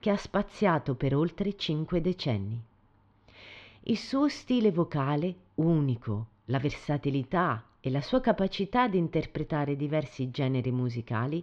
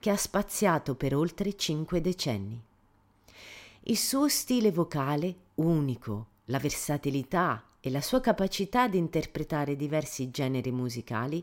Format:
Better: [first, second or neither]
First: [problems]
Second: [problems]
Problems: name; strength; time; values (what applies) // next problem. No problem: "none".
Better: second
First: muffled; slightly; fading above 3.5 kHz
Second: none